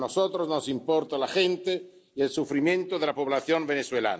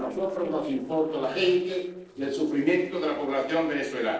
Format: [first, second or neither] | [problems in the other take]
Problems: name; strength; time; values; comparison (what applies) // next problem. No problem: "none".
first | noise reduction (neural separator model SepFormer DNS4)